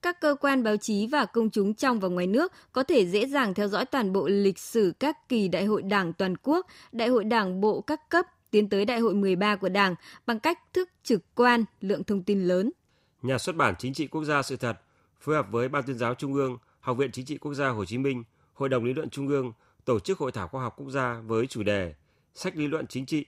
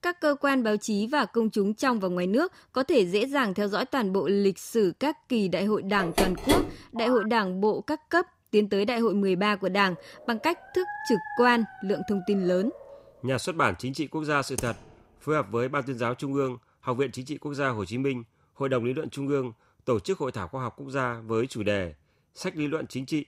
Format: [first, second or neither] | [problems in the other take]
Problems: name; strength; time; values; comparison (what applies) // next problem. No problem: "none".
first | phone ringing; loud; from 6 to 7.5 s; peak 2 dB above the speech // dog barking; noticeable; from 10 to 13 s; peak 8 dB below the speech // keyboard typing; noticeable; at 15 s; peak 9 dB below the speech